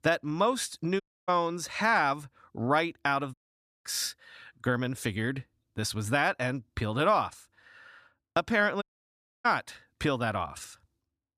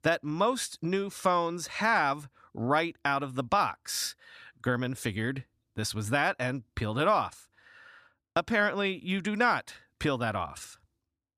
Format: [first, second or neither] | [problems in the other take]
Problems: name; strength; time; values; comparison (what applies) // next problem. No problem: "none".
second | audio cutting out; at 1 s, at 3.5 s for 0.5 s and at 9 s for 0.5 s